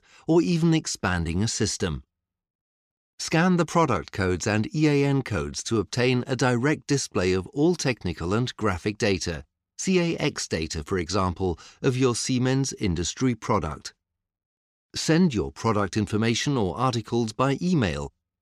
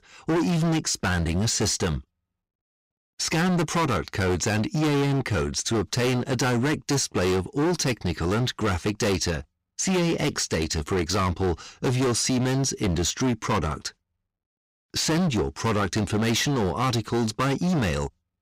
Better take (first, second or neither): first